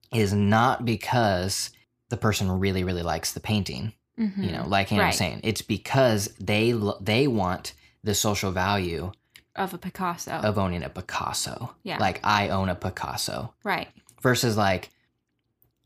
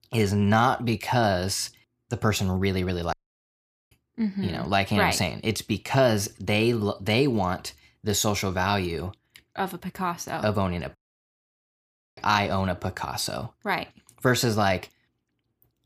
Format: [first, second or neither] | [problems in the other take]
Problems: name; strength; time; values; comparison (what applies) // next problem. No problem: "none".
first | audio cutting out; at 3 s for 1 s and at 11 s for 1 s